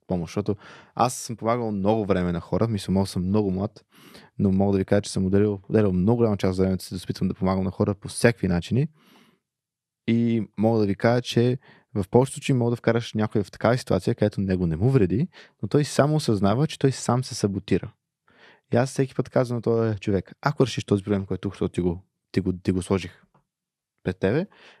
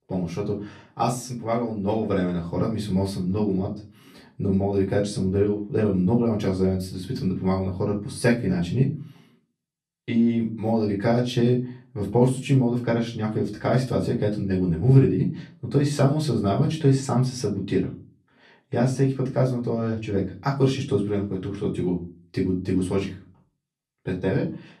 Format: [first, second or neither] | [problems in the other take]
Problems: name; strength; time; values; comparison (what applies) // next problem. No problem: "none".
first | off-mic speech; far // room echo; very slight; dies away in 0.3 s